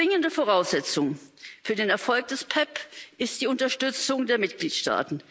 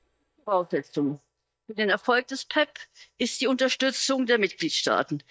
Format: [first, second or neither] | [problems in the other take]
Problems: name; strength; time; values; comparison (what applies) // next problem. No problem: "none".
first | noise reduction (neural mask model DeepFilterNet 3)